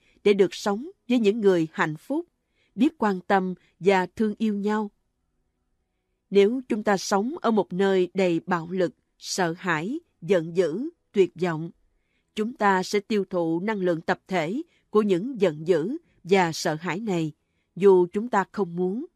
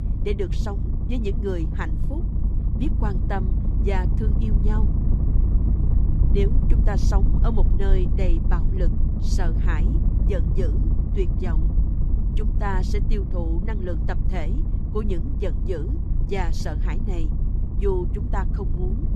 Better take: first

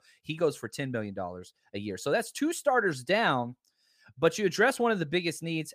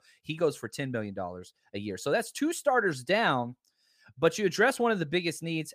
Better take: neither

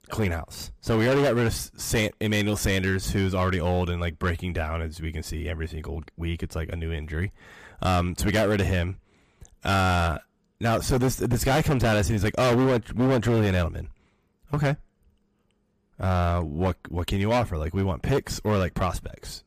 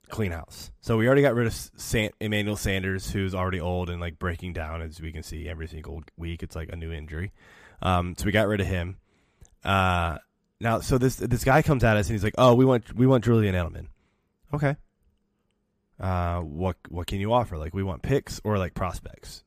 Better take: second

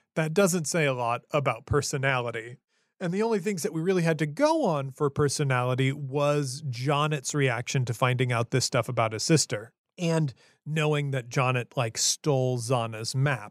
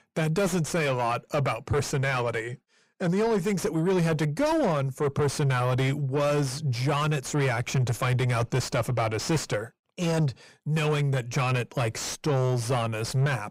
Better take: first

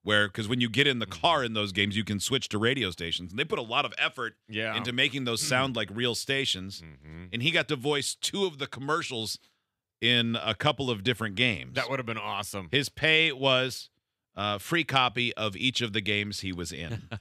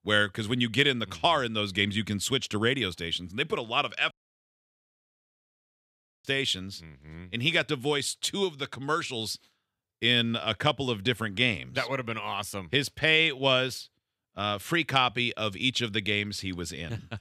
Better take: first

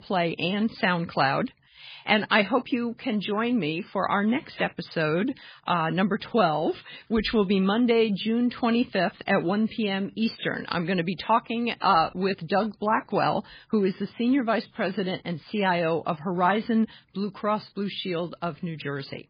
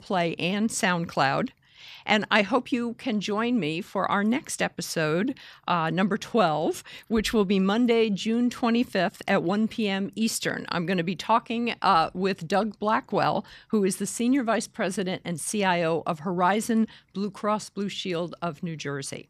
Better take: second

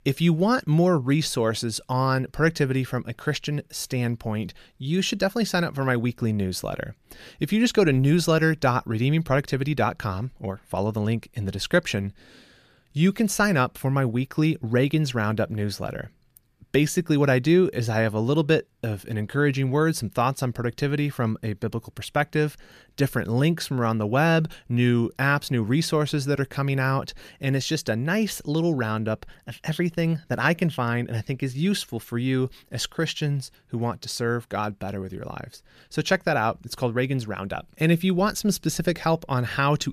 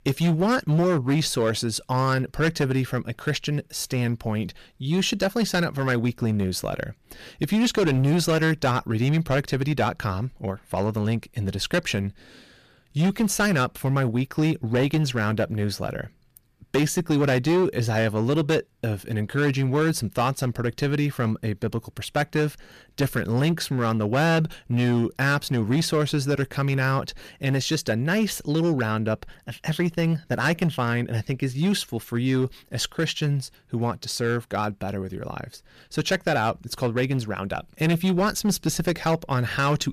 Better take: first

